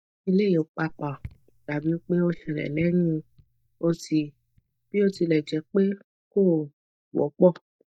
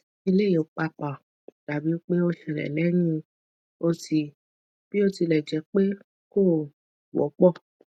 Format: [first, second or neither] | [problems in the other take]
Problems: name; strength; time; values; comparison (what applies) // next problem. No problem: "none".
second | noise reduction (neural mask model DeepFilterNet 3)